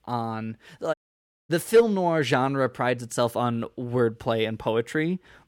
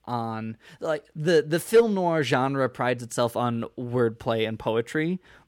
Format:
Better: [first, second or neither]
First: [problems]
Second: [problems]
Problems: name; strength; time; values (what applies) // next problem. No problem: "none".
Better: second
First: audio cutting out; at 1 s for 0.5 s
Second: none